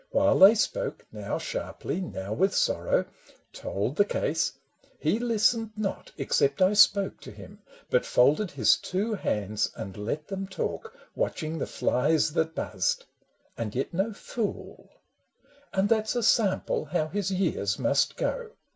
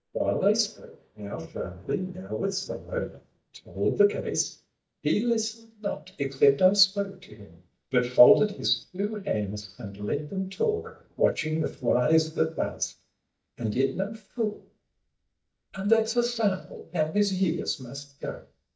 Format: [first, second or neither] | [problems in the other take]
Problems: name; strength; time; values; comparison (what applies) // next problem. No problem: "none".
first | noise reduction (neural mask model DeepFilterNet 3)